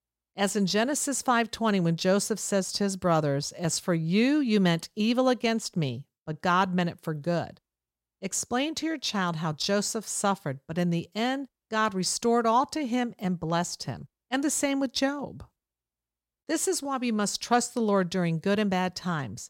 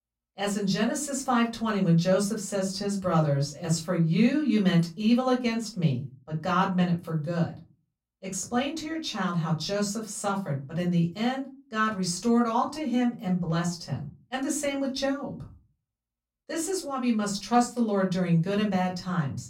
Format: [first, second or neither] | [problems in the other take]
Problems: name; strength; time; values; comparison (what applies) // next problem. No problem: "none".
first | off-mic speech; far // room echo; very slight; dies away in 0.3 s